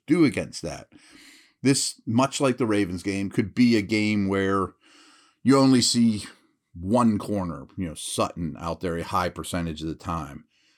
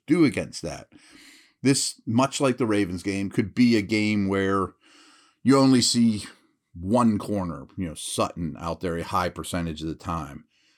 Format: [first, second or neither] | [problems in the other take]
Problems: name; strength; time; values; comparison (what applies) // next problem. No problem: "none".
neither | none